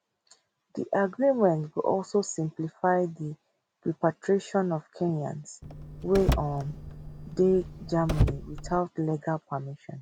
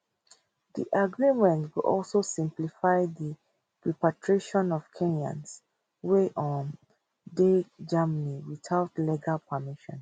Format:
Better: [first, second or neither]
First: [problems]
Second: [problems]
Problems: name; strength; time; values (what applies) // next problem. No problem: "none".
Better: second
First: background sound (Car); 3 dB below the speech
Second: none